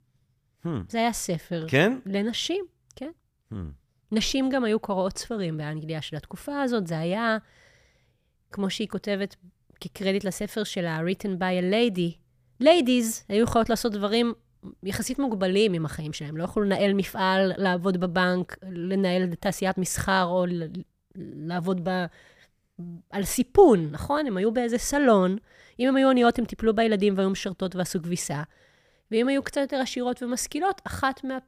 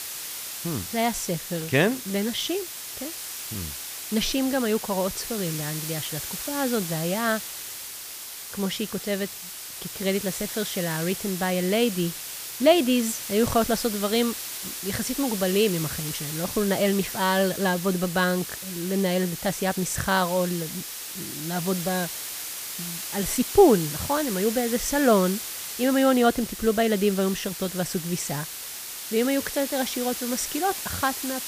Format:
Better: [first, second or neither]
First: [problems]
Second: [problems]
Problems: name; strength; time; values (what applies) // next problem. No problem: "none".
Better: first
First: none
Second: hiss; loud; throughout; 7 dB below the speech